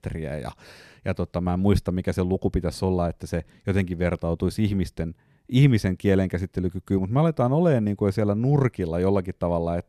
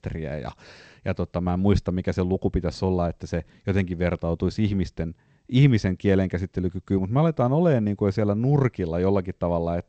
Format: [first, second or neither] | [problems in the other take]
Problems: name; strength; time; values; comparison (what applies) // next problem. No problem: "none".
first | garbled, watery; slightly; nothing above 8 kHz